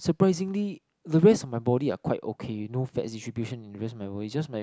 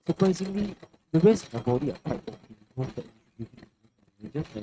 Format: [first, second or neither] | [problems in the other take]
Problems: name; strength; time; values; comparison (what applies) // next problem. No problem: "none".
first | noise reduction (neural mask model RNNoise)